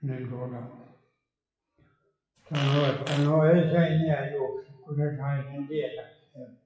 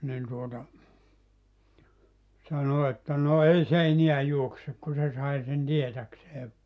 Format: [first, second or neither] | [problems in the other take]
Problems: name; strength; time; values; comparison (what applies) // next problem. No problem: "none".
second | noise reduction (classical method WPE with log-MMSE)